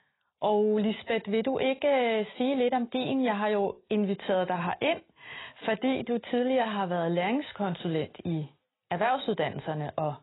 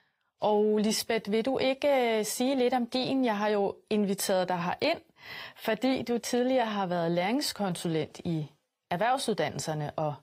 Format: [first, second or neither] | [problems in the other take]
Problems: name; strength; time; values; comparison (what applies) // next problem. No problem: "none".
second | garbled, watery; badly; nothing above 4 kHz; slightly in the second